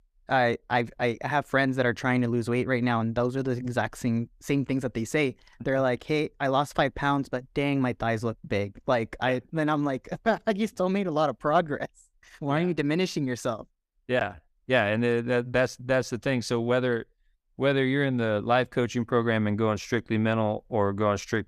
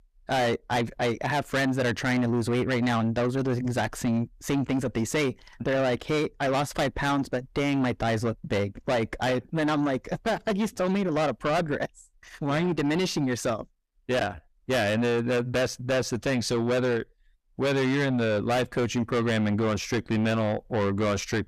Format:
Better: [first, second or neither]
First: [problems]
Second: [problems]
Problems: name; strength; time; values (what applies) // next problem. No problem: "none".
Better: first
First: none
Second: distortion; heavy; 7 dB below the speech